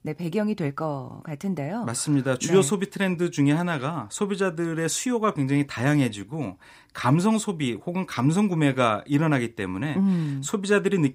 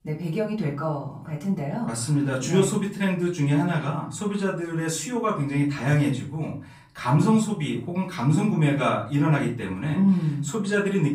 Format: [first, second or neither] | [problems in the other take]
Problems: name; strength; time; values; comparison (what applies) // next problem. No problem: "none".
first | off-mic speech; far // room echo; slight; dies away in 0.4 s